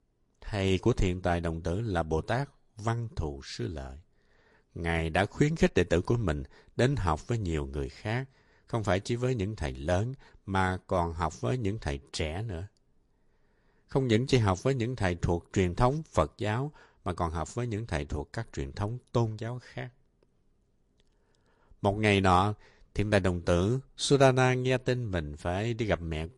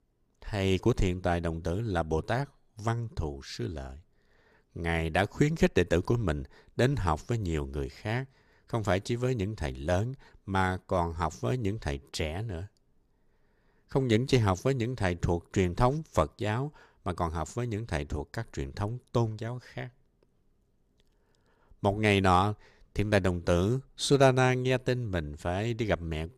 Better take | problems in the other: second | garbled, watery; slightly

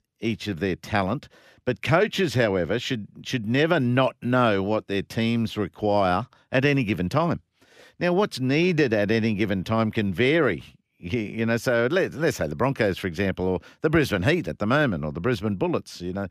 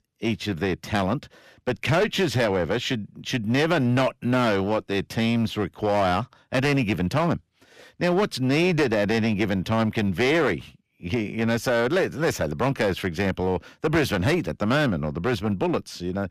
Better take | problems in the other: first | distortion; slight; 8% of the sound clipped

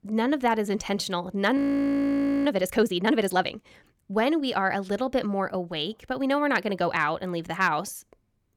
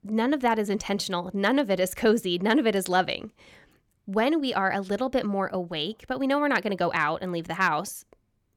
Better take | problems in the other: second | audio freezing; at 1.5 s for 1 s

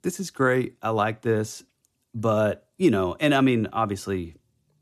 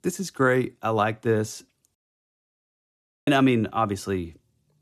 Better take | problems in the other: first | audio cutting out; at 2 s for 1.5 s

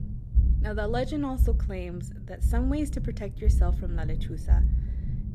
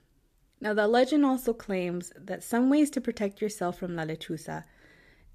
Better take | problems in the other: second | low rumble; noticeable; throughout; 10 dB below the speech

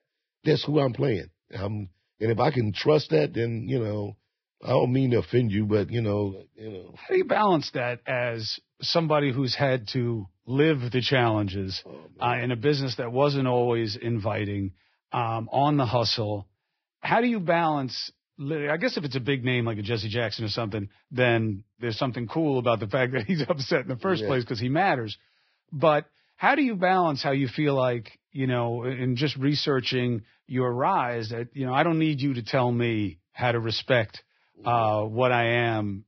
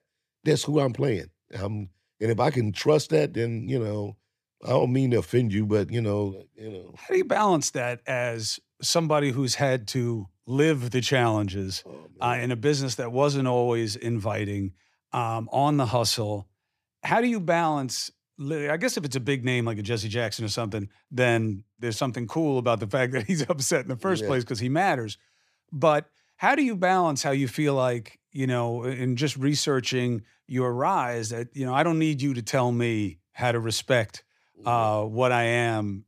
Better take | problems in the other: second | garbled, watery; badly; nothing above 5.5 kHz

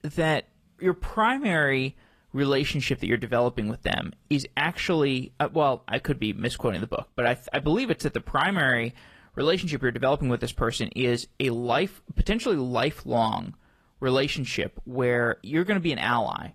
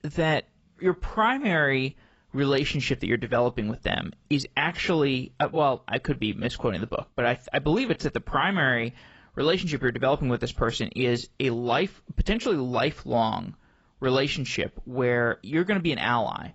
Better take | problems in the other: first | garbled, watery; badly; nothing above 8 kHz; slightly in the first

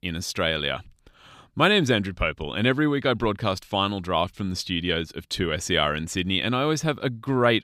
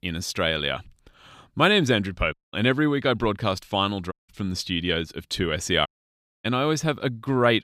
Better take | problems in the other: first | audio cutting out; at 2.5 s, at 4 s and at 6 s for 0.5 s

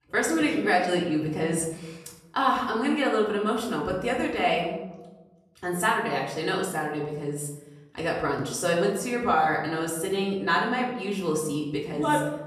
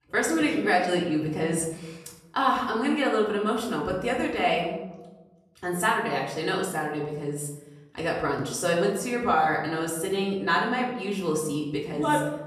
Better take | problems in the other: neither | off-mic speech; far; the same in both // room echo; noticeable; dies away in 0.9 s; the same in both

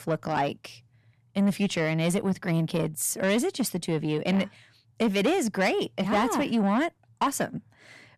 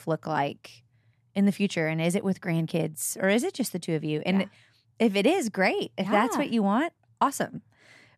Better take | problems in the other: second | distortion; slight; 10 dB below the speech

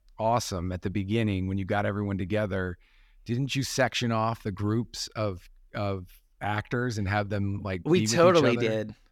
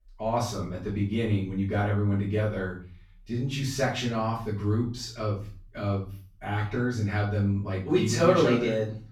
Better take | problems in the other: first | off-mic speech; far // room echo; noticeable; dies away in 0.4 s

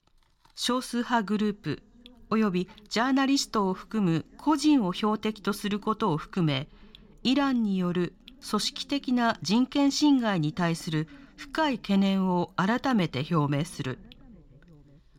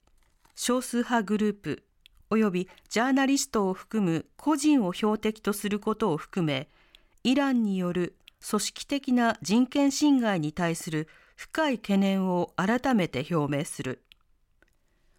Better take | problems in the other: second | room echo; slight; dies away in 3 s

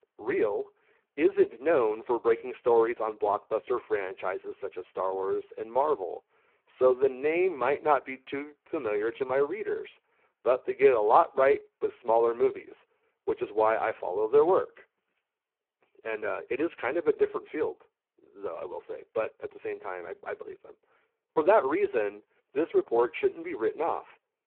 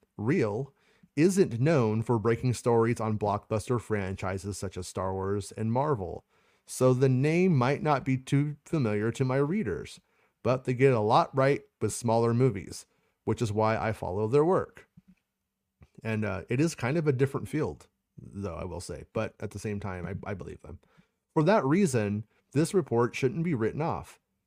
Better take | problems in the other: second | phone-call audio; poor line

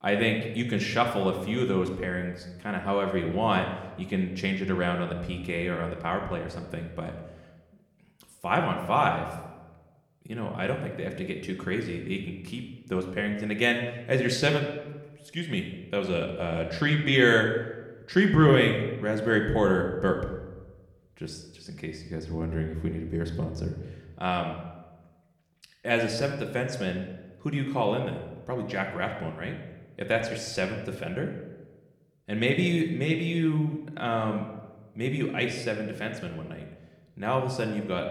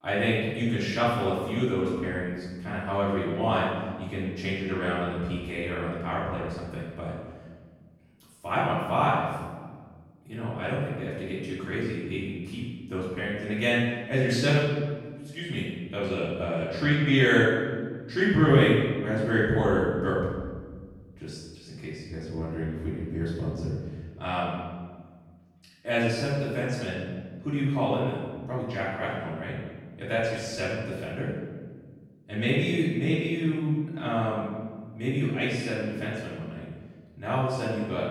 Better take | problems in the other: first | room echo; strong; dies away in 1.4 s; slight in the first // off-mic speech; far

